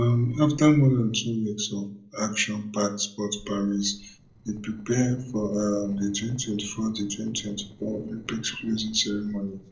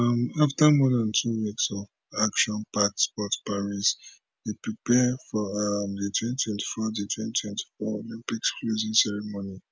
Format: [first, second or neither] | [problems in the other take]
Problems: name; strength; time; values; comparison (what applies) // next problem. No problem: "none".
second | noise reduction (neural separator model SepFormer DNS4)